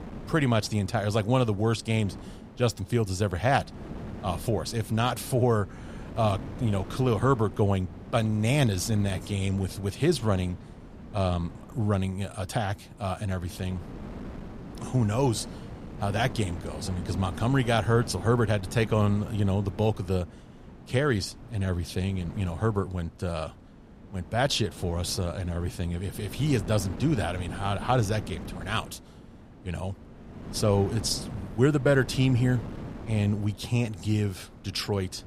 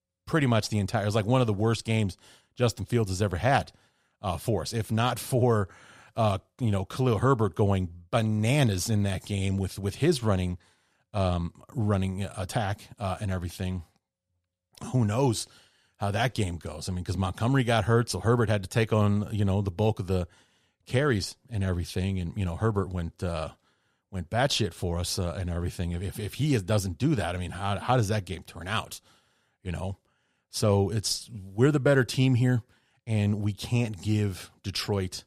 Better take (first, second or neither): second